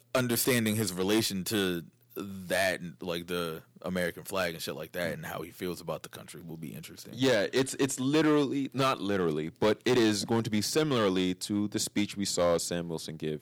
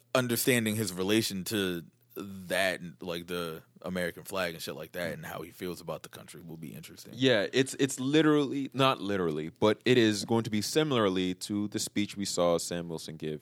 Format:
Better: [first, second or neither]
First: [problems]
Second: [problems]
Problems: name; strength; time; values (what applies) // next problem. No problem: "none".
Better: second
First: distortion; slight; 4% of the sound clipped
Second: none